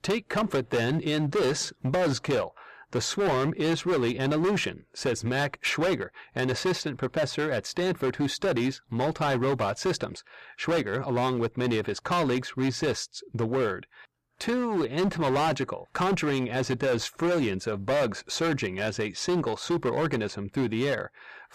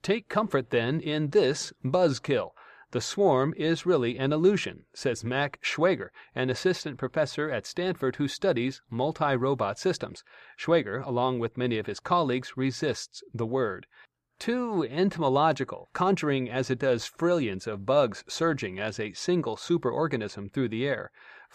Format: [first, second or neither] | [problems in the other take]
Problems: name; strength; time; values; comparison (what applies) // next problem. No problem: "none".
second | distortion; heavy; 16% of the sound clipped